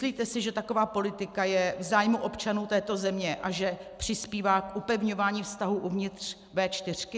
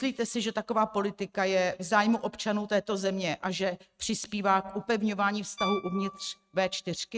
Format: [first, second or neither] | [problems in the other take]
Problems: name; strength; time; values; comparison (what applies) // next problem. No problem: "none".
first | noise reduction (neural mask model RNNoise)